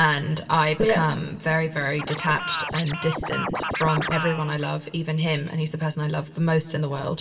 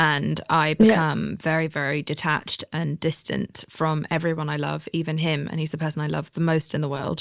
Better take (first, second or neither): second